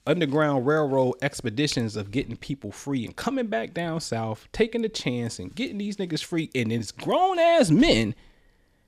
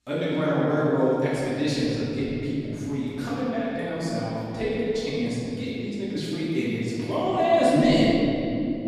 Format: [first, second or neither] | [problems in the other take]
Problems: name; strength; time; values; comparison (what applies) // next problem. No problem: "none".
first | room echo; strong; dies away in 3 s // off-mic speech; far